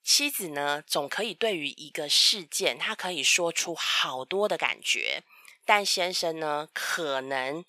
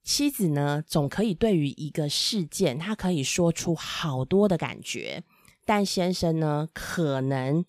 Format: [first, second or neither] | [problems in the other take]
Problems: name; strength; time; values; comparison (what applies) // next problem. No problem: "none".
second | thin; very; fading below 650 Hz